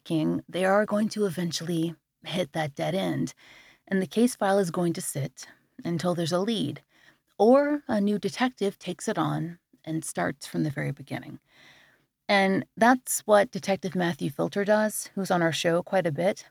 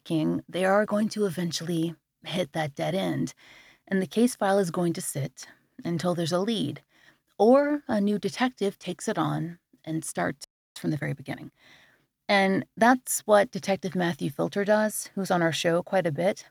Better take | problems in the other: first | audio freezing; at 10 s

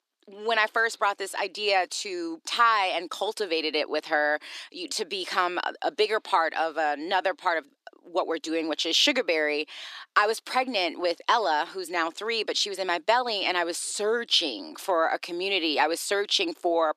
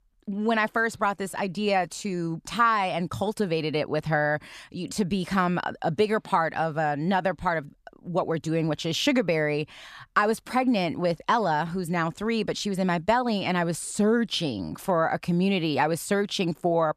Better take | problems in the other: second | thin; very; fading below 300 Hz

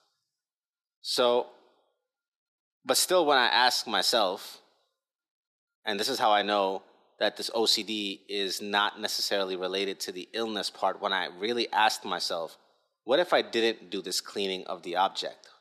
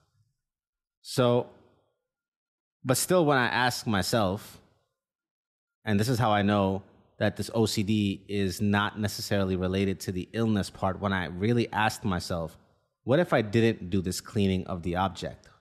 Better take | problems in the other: second | thin; very; fading below 350 Hz

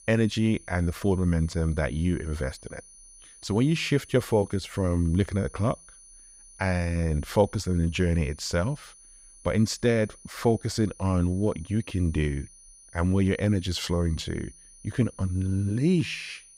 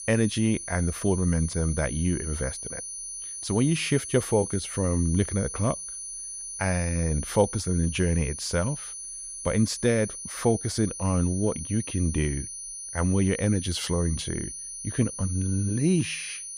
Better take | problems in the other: first | high-pitched whine; loud; throughout; 9.5 kHz, 8 dB below the speech; faint in the first

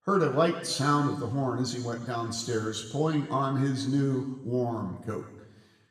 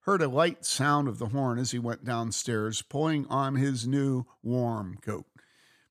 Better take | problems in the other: second | room echo; slight; dies away in 1.2 s // off-mic speech; somewhat distant

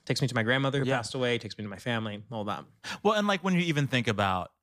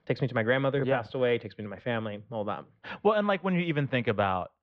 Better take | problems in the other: first | muffled; very; fading above 3 kHz

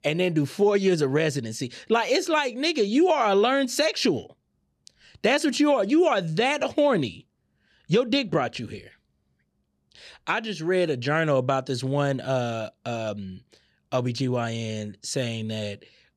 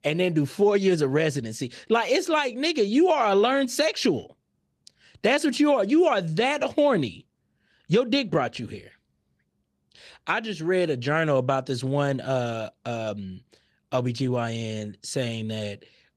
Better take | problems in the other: first | garbled, watery; slightly; nothing above 14.5 kHz

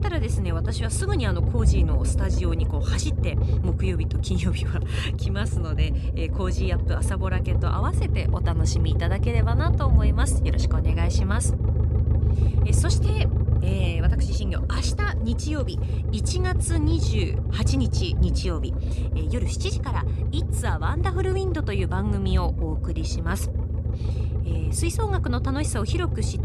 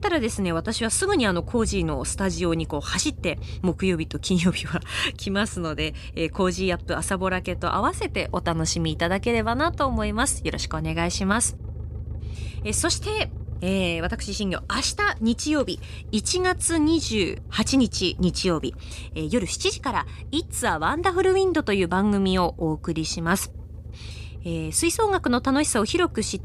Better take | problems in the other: second | low rumble; loud; throughout; 5 dB below the speech; faint in the second

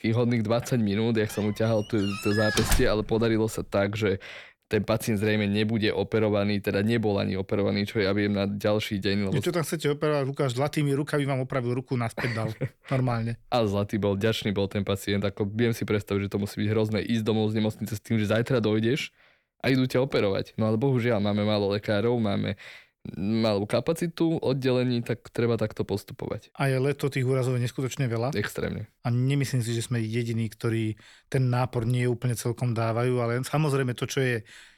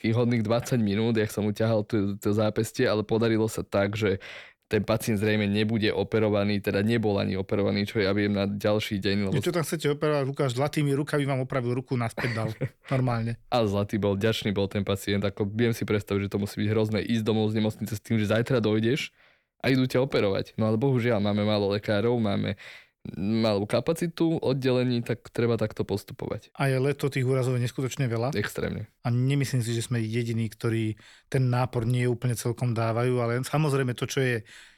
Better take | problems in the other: second | door banging; loud; at 2 s; peak 1 dB above the speech

